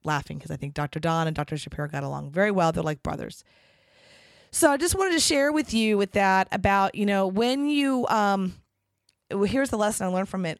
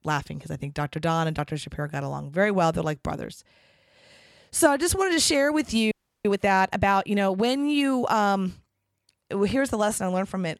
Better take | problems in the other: first | audio freezing; at 6 s

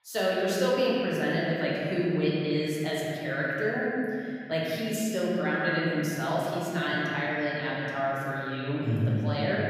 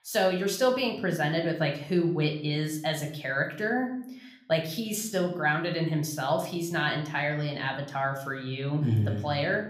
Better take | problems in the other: second | room echo; strong; dies away in 2.8 s; slight in the second // off-mic speech; far

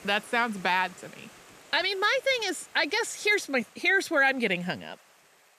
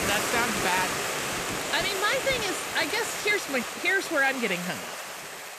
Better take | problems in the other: first | hiss; loud; throughout; 3 dB below the speech; faint in the first

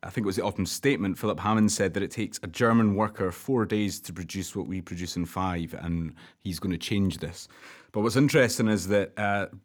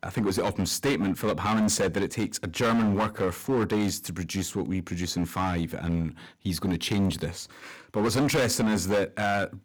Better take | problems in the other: first | distortion; heavy; 13% of the sound clipped

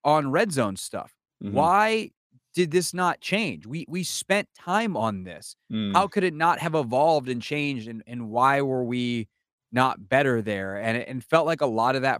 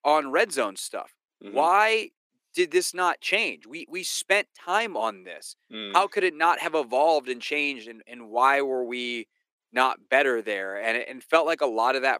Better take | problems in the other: first | thin; somewhat; fading below 350 Hz

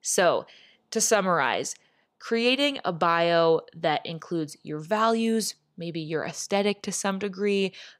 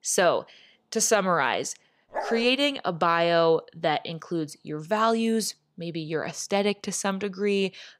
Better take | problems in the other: first | dog barking; noticeable; at 2 s; peak 7 dB below the speech

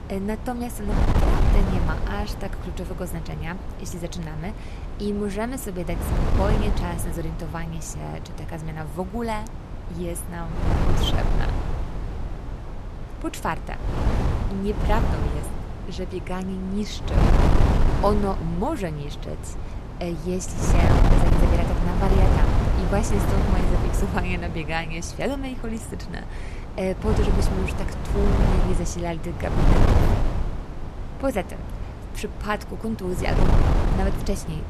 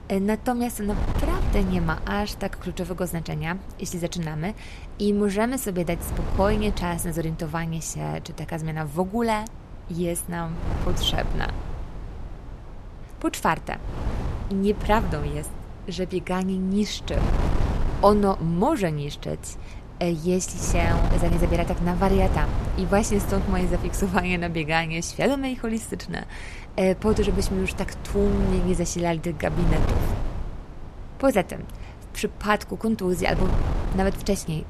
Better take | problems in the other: second | wind noise on the microphone; heavy; 1 dB below the speech; occasional gusts in the second

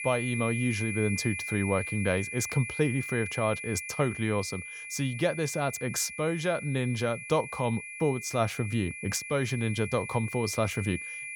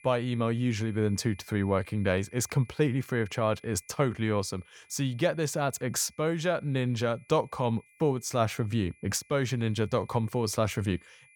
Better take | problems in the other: second | high-pitched whine; loud; throughout; 2.5 kHz, 7 dB below the speech; faint in the second

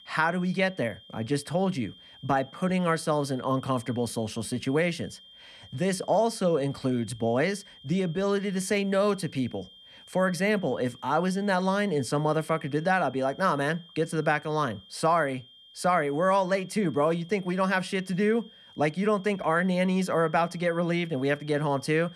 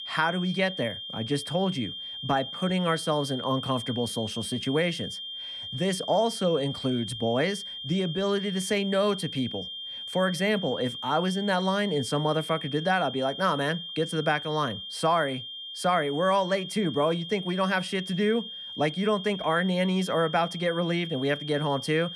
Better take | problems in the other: first | high-pitched whine; loud; throughout; 3 kHz, 8 dB below the speech; faint in the first

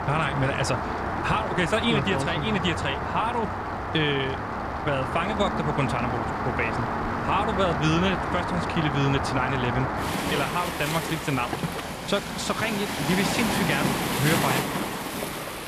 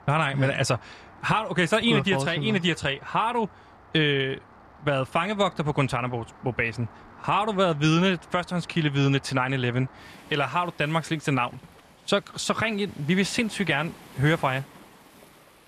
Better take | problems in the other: second | rain or running water; loud; throughout; 1 dB below the speech; faint in the second

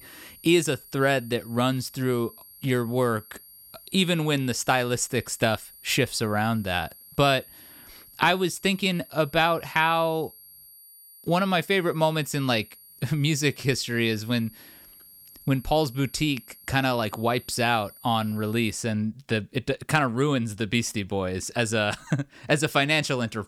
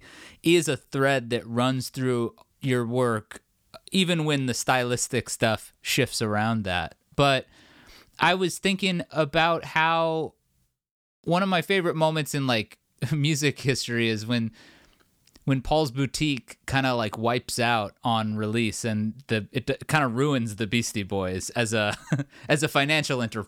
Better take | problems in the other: second | high-pitched whine; faint; until 19 s; 11.5 kHz, 20 dB below the speech

